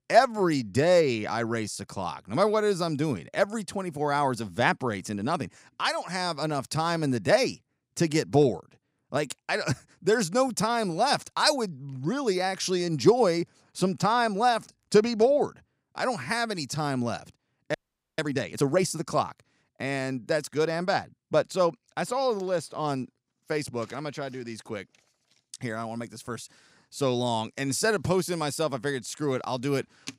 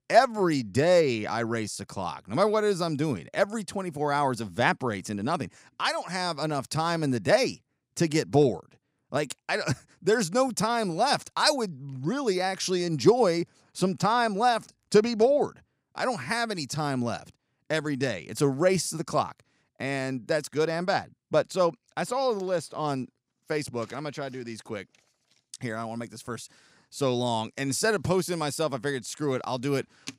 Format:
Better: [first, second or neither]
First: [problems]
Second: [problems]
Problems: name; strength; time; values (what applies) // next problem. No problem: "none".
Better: second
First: audio freezing; at 18 s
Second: none